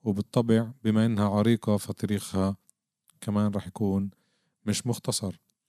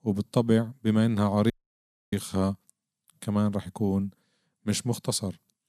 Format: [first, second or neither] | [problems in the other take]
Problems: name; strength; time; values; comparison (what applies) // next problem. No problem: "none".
first | audio cutting out; at 1.5 s for 0.5 s